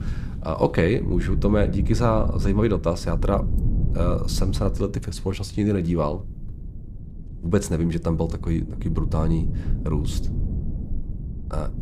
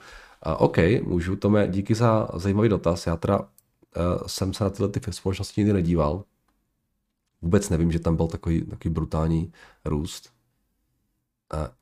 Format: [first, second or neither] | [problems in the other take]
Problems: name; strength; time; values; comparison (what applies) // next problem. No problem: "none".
second | low rumble; noticeable; throughout; 15 dB below the speech